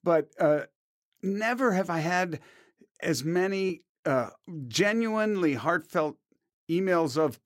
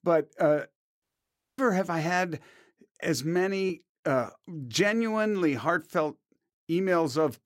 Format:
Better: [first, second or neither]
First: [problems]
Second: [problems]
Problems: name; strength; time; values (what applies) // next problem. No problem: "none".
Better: first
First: none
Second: audio cutting out; at 1 s for 0.5 s